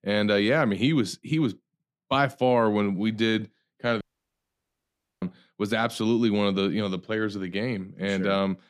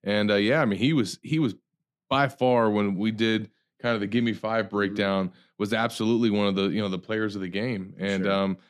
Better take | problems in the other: second | audio cutting out; at 4 s for 1 s

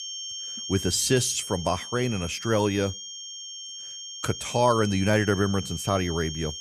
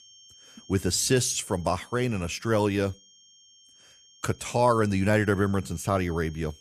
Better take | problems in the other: second | high-pitched whine; loud; throughout; 3 kHz, 9 dB below the speech; faint in the second

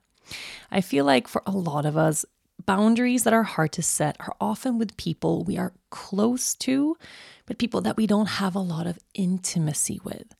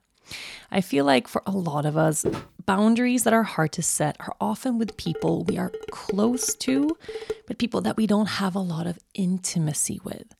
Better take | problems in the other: first | footsteps; noticeable; at 2.5 s; peak 6 dB below the speech // clattering dishes; noticeable; from 5 to 7.5 s; peak 8 dB below the speech

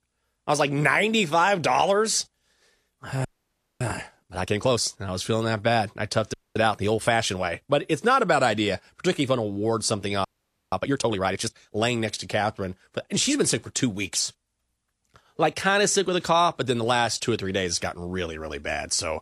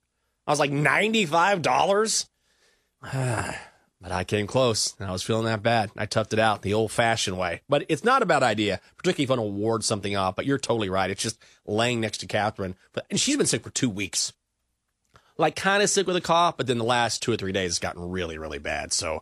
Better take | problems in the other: second | audio freezing; at 3.5 s for 0.5 s, at 6.5 s and at 10 s

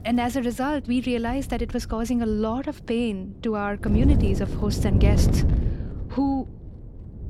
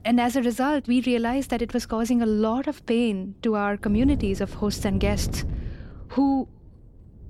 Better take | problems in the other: second | wind noise on the microphone; heavy; 5 dB below the speech; occasional gusts in the second

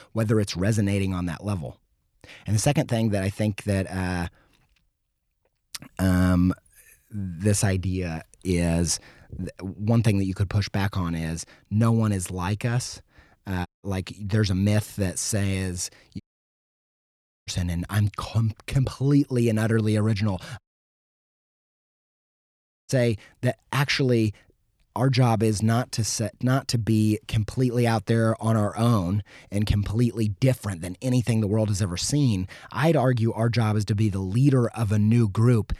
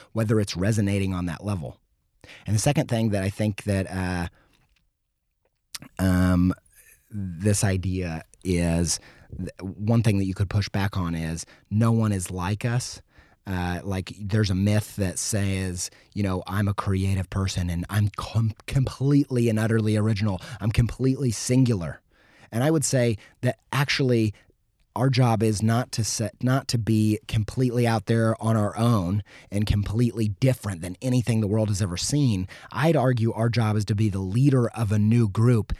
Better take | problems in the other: second | audio cutting out; at 14 s, at 16 s for 1.5 s and at 21 s for 2.5 s

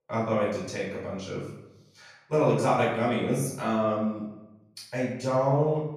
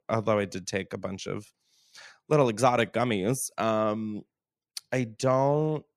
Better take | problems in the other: second | off-mic speech; far // room echo; noticeable; dies away in 0.8 s

